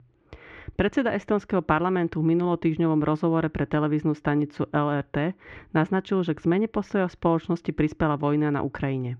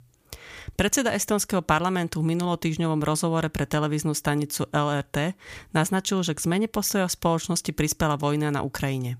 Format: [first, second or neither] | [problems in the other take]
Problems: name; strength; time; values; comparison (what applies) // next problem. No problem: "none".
second | muffled; very; fading above 2.5 kHz